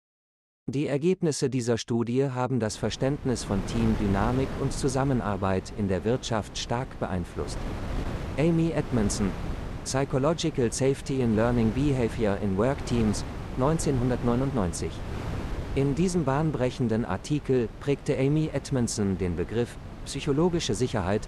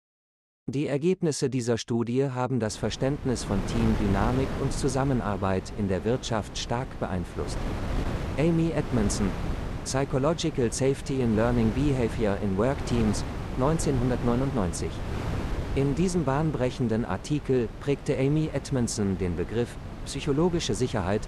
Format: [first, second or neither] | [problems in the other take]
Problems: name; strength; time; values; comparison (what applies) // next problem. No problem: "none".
first | wind noise on the microphone; heavy; from 2.5 s on; 9 dB below the speech; occasional gusts in the first